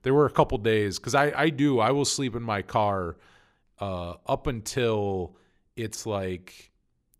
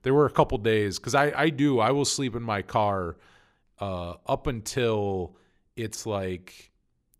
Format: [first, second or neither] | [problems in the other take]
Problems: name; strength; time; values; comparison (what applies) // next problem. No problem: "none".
neither | none